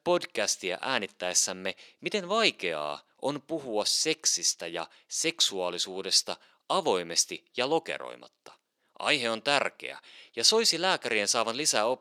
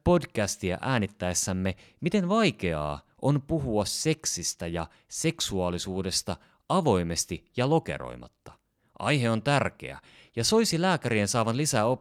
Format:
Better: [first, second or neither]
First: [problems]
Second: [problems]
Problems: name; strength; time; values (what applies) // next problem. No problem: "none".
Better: second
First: thin; somewhat; fading below 400 Hz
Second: none